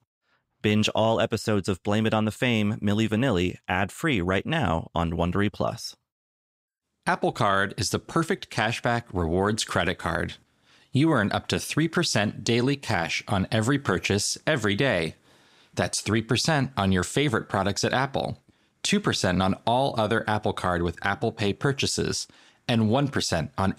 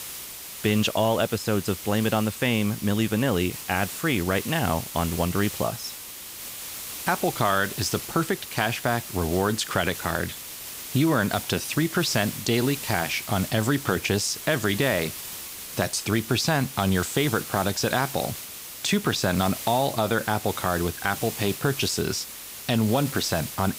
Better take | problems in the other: first | hiss; loud; throughout; 9 dB below the speech

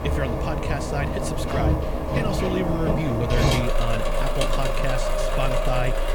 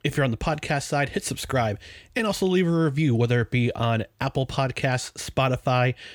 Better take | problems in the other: second | machinery noise; very loud; throughout; 4 dB above the speech

